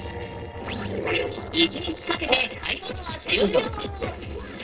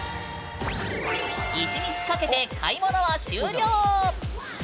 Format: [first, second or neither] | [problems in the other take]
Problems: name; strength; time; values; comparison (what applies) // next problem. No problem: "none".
second | noise reduction (neural separator model SepFormer DNS4)